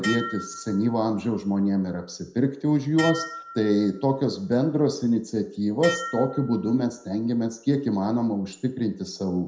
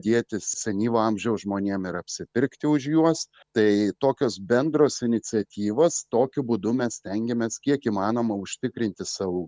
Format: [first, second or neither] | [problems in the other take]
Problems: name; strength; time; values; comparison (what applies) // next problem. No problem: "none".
second | background sound (Dishes, pots, and pans); 14 dB below the speech // room echo; dies away in 0.4 s